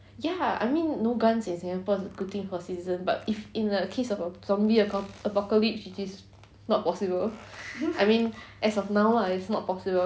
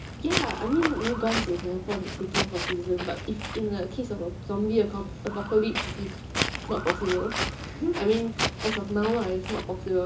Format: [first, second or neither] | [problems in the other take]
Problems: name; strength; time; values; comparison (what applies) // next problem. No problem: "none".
first | background sound (Walk, footsteps); 4 dB below the speech // room echo; dies away in 0.2 s